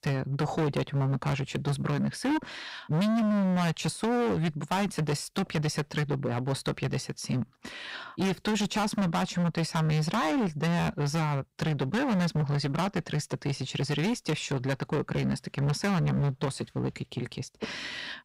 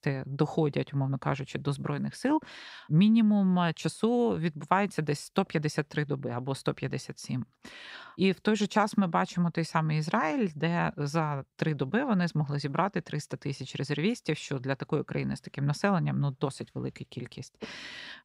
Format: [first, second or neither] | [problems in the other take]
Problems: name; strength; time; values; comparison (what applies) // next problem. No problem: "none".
second | distortion; heavy; 22% of the sound clipped